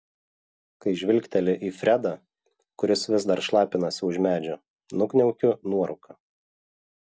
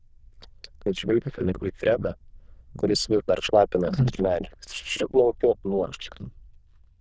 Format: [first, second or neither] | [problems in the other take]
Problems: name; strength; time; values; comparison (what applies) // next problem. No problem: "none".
first | noise reduction (neural diffusion model UNIVERSE++)